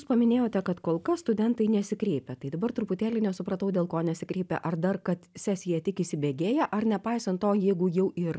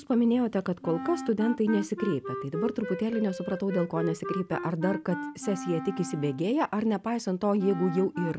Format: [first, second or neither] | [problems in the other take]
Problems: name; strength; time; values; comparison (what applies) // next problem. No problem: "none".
first | background sound (Wind instrument, woodwind instrument); 9 dB below the speech